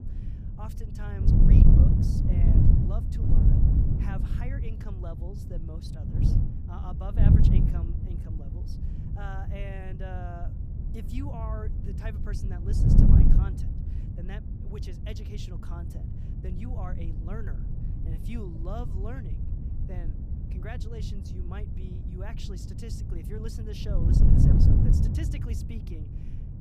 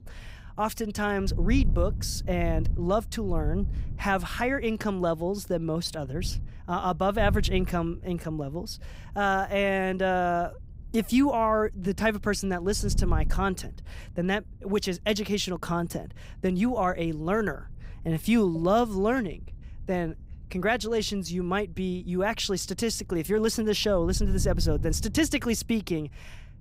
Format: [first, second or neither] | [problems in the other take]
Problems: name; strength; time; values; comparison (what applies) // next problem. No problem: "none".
second | wind noise on the microphone; heavy; 5 dB above the speech; occasional gusts in the second